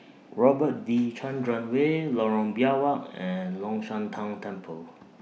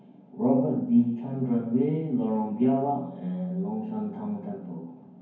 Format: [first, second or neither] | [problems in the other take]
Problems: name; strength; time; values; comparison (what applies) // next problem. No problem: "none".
first | room echo; dies away in 0.9 s